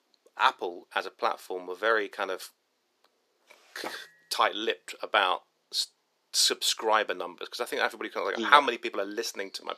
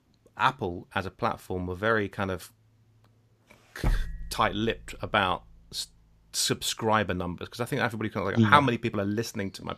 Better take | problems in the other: second | thin; very; fading below 350 Hz

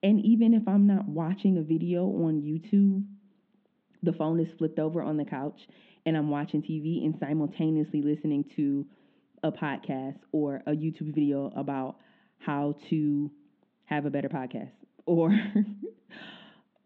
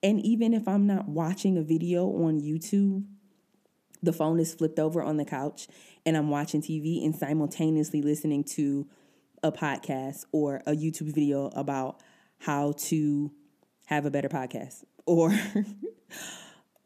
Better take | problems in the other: second | muffled; very; fading above 3.5 kHz

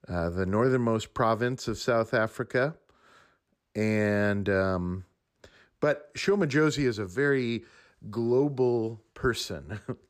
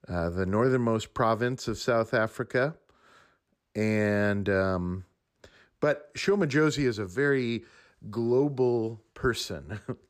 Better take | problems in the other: neither | none

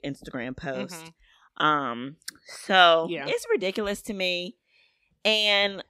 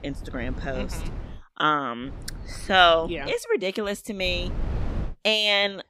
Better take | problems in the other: first | low rumble; faint; until 1.5 s, from 2 to 3.5 s and at 4 s; 25 dB below the speech

